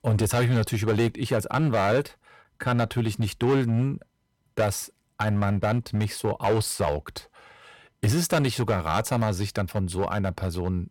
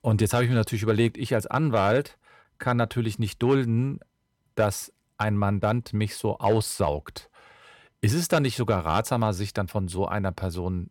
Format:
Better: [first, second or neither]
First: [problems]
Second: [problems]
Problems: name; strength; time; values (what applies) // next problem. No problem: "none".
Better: second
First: distortion; slight; 7% of the sound clipped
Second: none